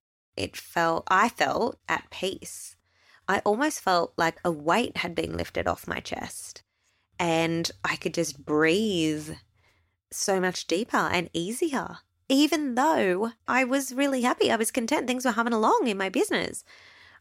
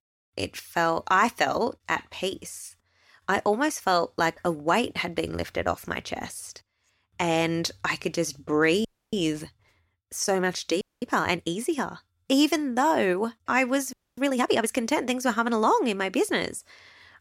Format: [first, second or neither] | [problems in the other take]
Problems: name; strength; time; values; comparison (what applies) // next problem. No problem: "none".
first | audio freezing; at 9 s, at 11 s and at 14 s